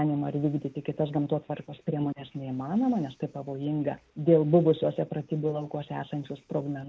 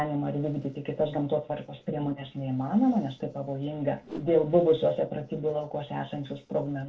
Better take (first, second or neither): first